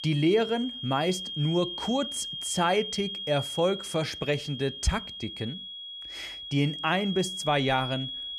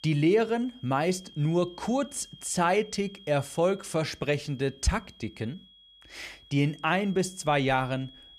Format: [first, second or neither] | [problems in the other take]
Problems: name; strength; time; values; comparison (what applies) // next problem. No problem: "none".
second | high-pitched whine; loud; throughout; 3 kHz, 6 dB below the speech; faint in the second